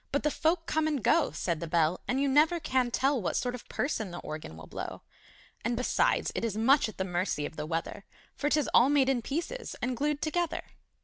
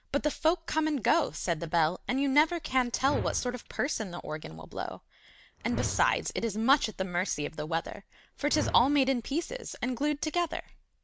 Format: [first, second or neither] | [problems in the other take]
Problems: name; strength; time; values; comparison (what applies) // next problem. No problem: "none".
first | background sound (Whoosh, swoosh, swish); 12 dB below the speech